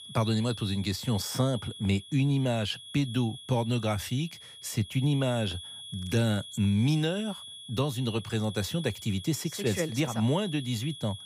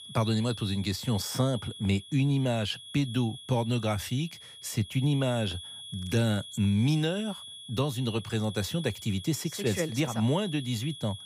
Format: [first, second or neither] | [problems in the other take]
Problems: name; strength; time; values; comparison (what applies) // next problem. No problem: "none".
neither | high-pitched whine; noticeable; throughout; 3.5 kHz, 15 dB below the speech; the same in both